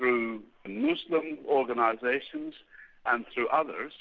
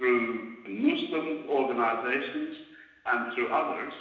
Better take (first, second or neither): first